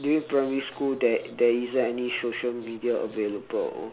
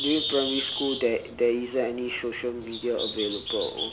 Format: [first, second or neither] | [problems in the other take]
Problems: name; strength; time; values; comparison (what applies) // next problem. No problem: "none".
first | background sound (Bird); 6 dB below the speech